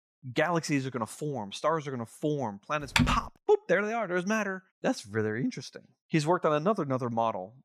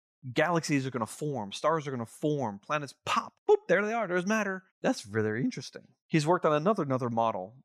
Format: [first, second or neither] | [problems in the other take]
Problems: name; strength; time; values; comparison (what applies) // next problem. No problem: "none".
second | keyboard typing; loud; at 3 s; peak 3 dB above the speech